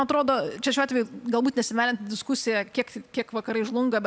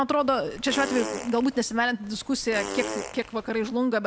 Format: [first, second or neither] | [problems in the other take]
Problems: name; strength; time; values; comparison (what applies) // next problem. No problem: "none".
first | background sound (Fart); 10 dB below the speech